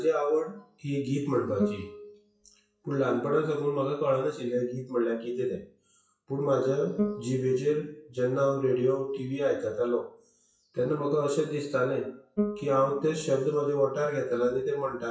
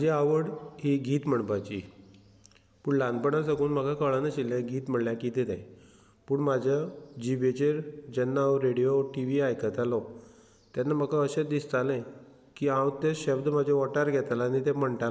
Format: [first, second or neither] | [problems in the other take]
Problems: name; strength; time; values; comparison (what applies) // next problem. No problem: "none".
second | noise reduction (classical method WPE with log-MMSE)